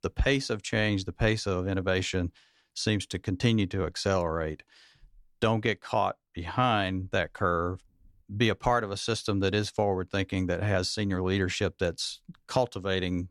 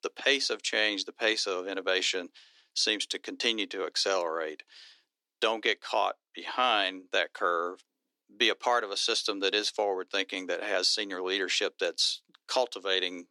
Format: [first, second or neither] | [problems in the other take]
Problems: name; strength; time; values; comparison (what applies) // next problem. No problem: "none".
first | thin; somewhat; fading below 300 Hz